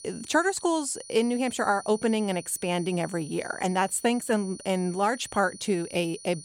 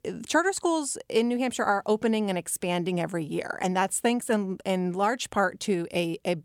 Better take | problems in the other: second | high-pitched whine; noticeable; throughout; 9.5 kHz, 15 dB below the speech

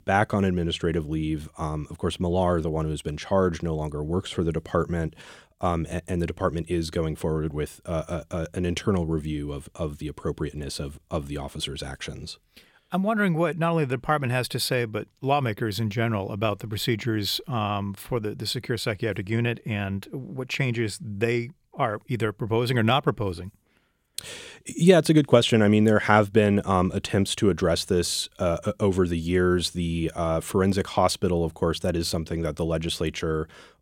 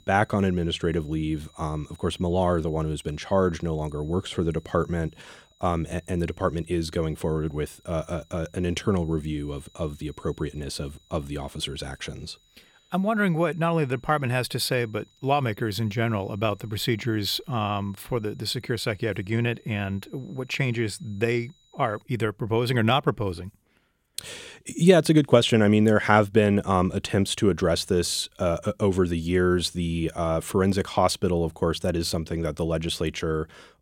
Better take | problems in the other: first | high-pitched whine; faint; until 22 s; 4 kHz, 35 dB below the speech

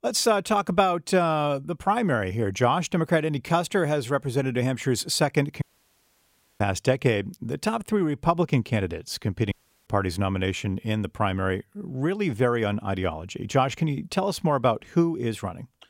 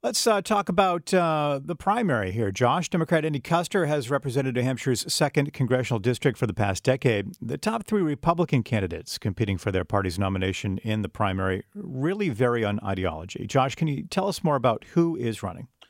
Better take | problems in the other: second | audio cutting out; at 5.5 s for 1 s and at 9.5 s

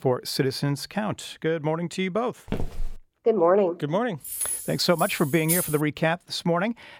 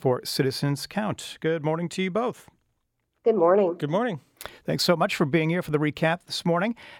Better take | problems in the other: second | footsteps; noticeable; at 2.5 s; peak 8 dB below the speech // jangling keys; noticeable; from 4 to 6 s; peak level with the speech

